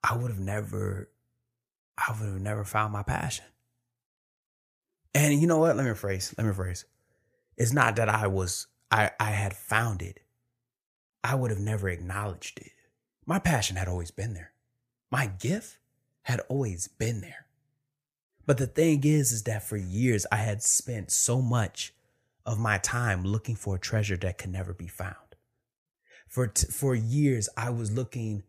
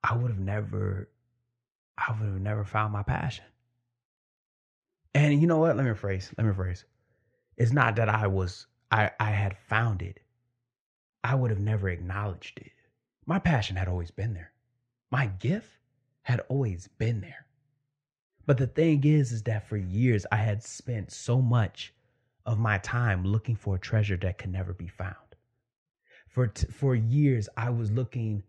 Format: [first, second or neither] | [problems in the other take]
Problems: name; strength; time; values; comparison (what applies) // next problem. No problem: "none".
first | muffled; slightly; fading above 4 kHz